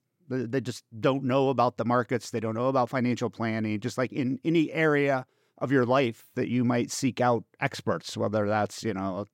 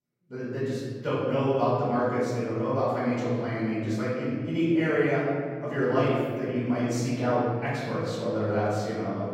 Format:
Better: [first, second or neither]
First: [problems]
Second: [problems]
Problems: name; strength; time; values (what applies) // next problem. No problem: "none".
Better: first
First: none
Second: off-mic speech; far // room echo; strong; dies away in 2.4 s